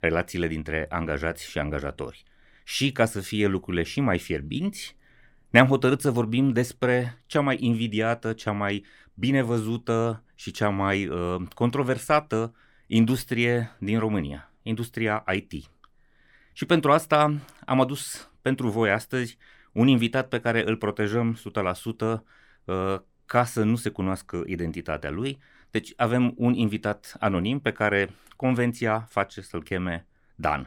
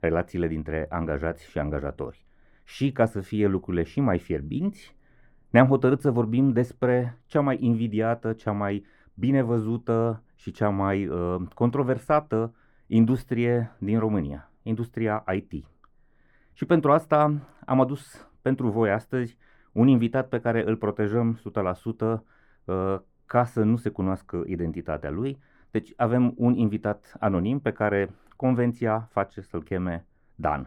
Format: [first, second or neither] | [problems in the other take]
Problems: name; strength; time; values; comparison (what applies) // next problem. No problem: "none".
first | muffled; slightly; fading above 2 kHz